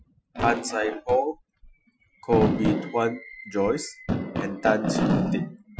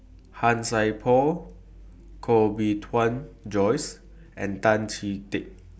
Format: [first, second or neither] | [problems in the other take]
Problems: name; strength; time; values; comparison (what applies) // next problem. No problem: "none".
second | noise reduction (classical method Wiener filter)